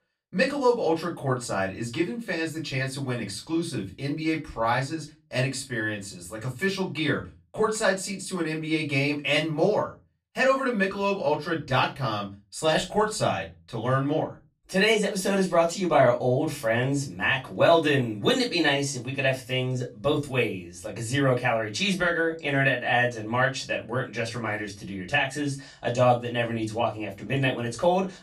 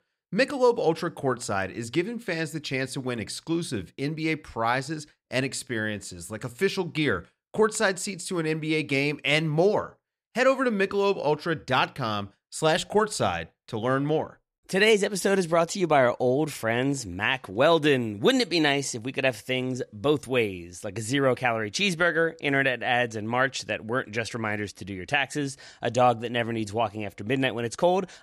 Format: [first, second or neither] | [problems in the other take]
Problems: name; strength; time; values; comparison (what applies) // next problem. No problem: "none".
second | off-mic speech; far // room echo; very slight; dies away in 0.2 s